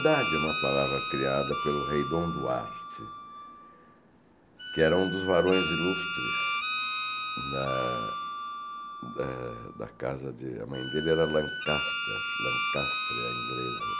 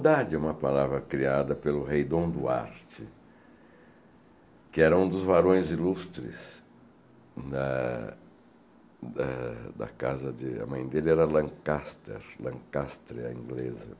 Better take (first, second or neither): second